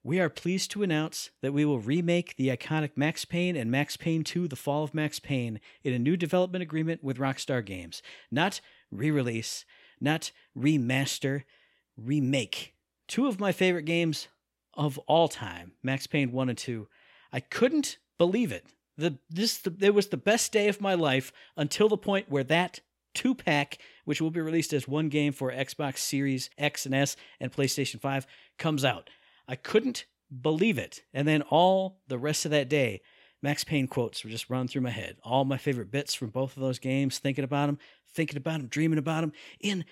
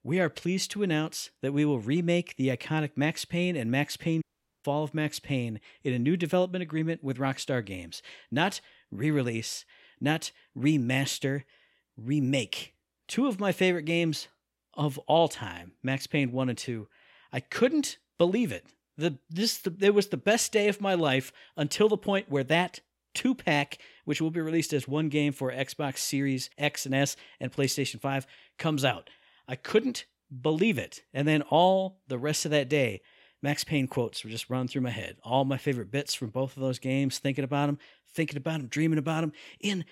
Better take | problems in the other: first | audio cutting out; at 4 s

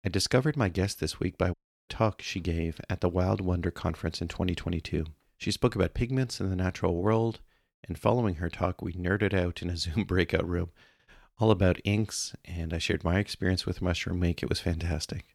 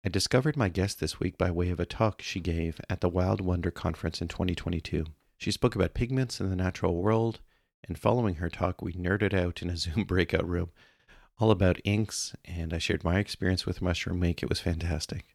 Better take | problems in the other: second | audio cutting out; at 1.5 s

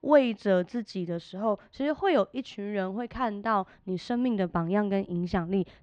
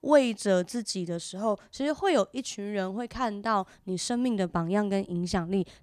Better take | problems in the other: second | muffled; slightly; fading above 3 kHz

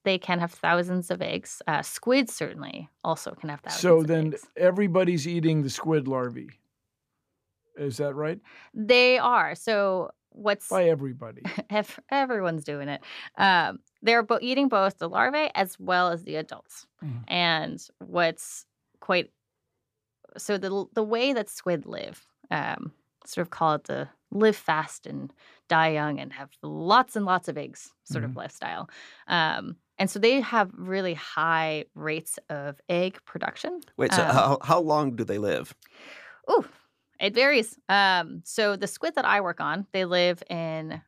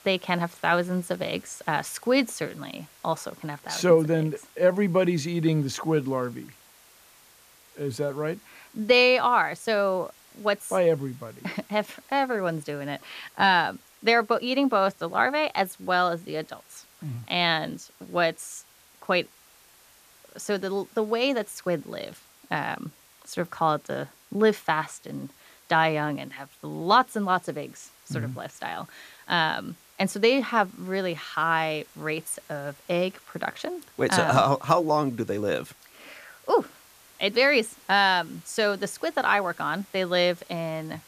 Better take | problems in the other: first | hiss; faint; throughout; 25 dB below the speech

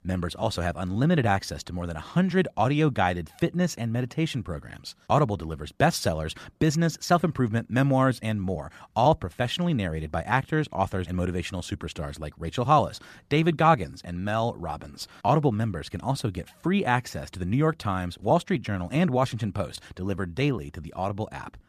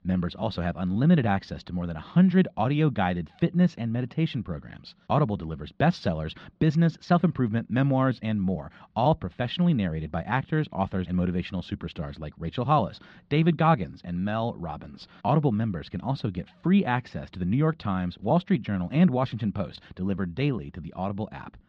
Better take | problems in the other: first | muffled; very slightly; fading above 4 kHz

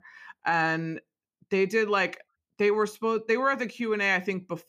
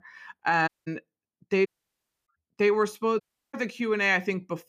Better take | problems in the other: first | audio cutting out; at 0.5 s, at 1.5 s for 0.5 s and at 3 s

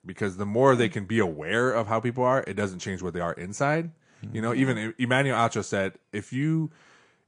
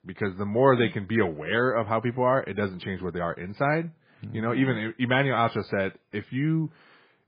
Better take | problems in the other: first | garbled, watery; badly; nothing above 5 kHz; slightly in the first

